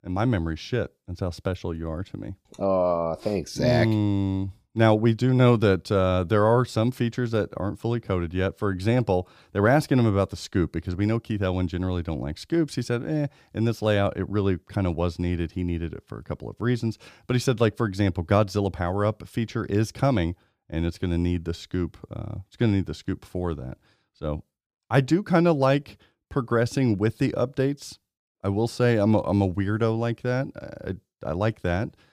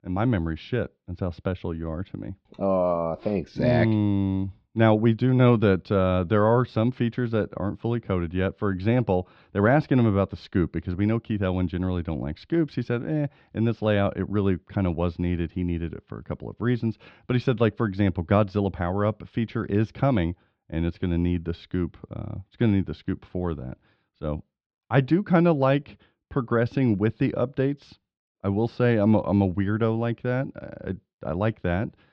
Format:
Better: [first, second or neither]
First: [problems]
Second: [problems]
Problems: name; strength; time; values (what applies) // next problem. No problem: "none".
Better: first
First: none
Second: muffled; slightly; fading above 3.5 kHz